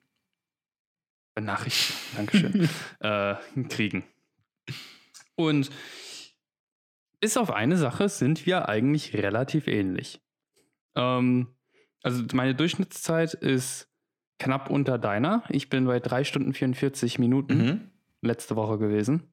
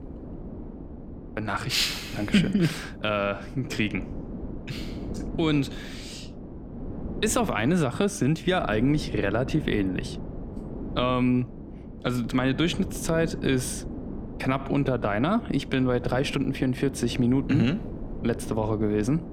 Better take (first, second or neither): first